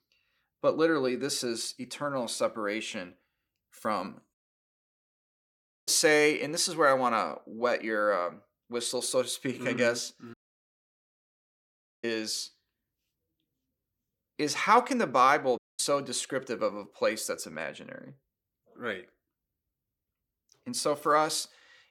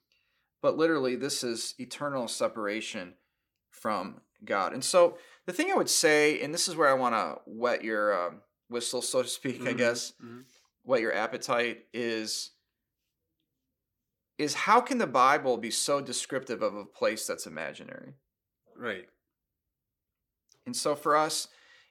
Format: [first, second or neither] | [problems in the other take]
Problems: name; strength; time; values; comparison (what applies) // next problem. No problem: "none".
second | audio cutting out; at 4.5 s for 1.5 s, at 10 s for 1.5 s and at 16 s